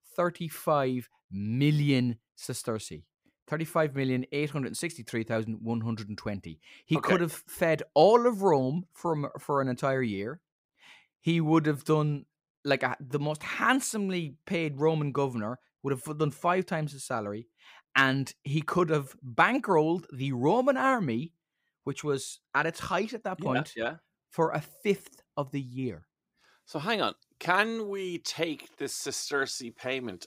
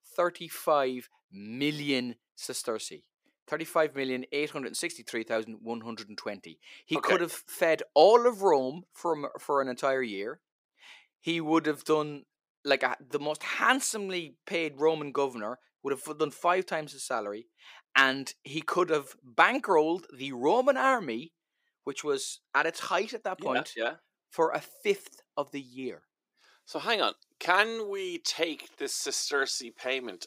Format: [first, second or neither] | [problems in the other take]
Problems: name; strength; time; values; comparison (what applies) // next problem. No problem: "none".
first | thin; somewhat; fading below 400 Hz